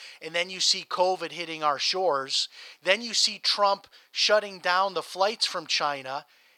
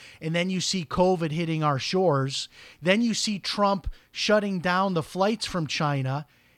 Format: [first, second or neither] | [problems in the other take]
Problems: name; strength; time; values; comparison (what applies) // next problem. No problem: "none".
second | thin; very; fading below 650 Hz